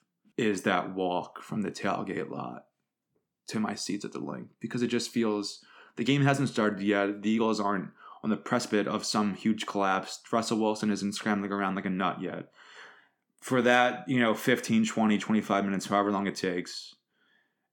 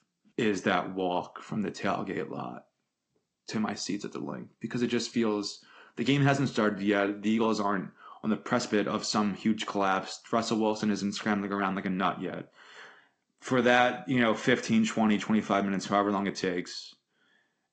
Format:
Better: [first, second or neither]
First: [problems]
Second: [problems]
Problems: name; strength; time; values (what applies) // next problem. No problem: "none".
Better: first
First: none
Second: garbled, watery; slightly; nothing above 8 kHz